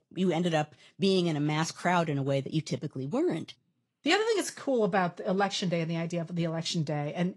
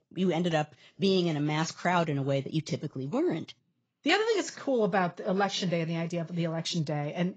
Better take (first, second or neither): first